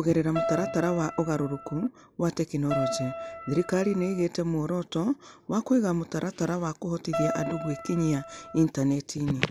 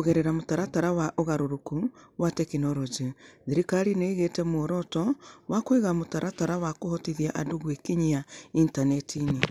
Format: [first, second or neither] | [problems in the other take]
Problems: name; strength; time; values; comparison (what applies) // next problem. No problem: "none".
second | background sound (Keyboard (musical)); 6 dB below the speech